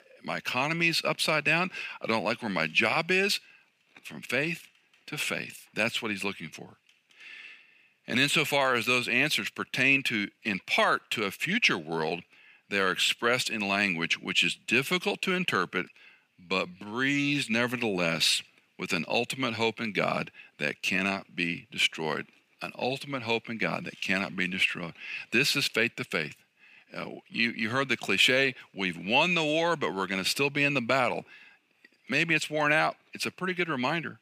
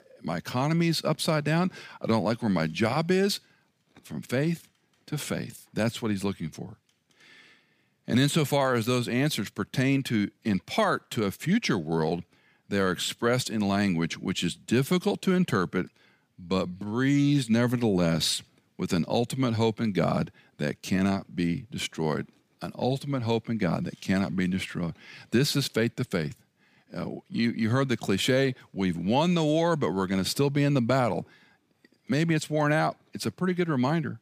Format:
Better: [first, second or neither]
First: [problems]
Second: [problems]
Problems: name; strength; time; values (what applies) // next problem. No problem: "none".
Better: second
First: thin; somewhat; fading below 400 Hz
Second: none